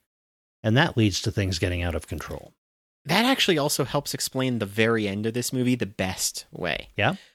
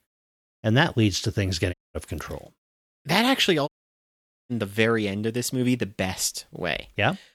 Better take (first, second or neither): first